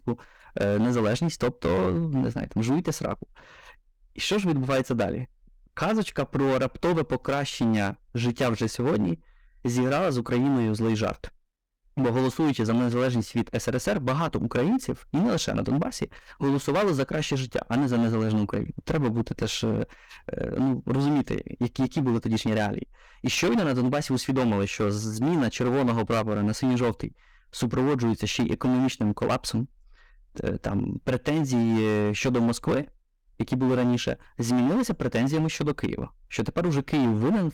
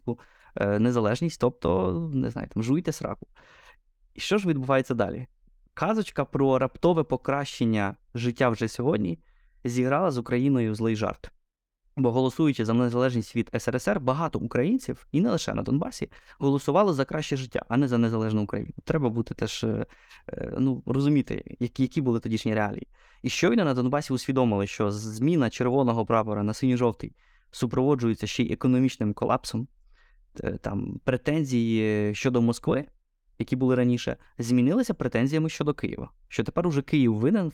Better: second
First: distortion; heavy; 15% of the sound clipped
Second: none

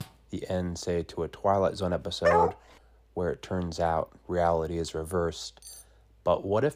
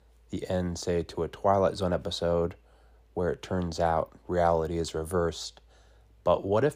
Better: second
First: door banging; faint; at the start; peak 15 dB below the speech // dog barking; loud; at 2.5 s; peak 5 dB above the speech // clattering dishes; faint; at 5.5 s; peak 15 dB below the speech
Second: none

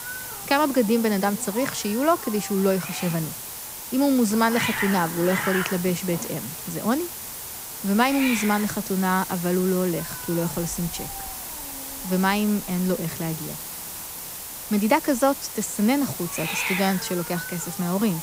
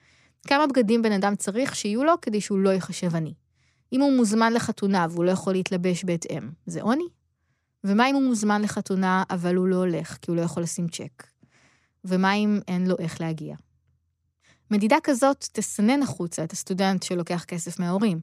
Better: second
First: hiss; loud; throughout; 7 dB below the speech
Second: none

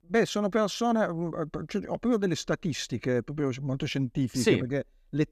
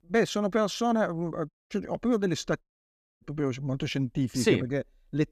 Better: first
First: none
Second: audio cutting out; at 1.5 s and at 2.5 s for 0.5 s

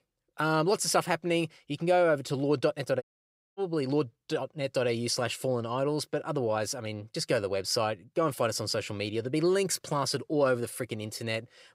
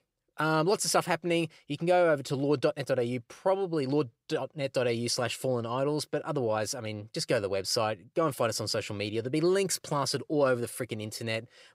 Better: second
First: audio cutting out; at 3 s for 0.5 s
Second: none

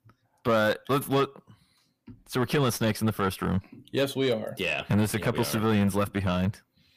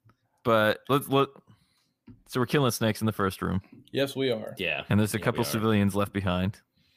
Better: second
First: distortion; slight; 10 dB below the speech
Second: none

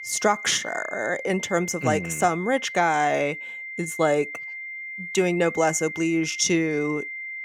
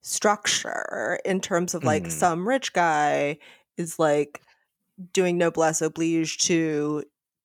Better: second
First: high-pitched whine; loud; throughout; 2 kHz, 9 dB below the speech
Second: none

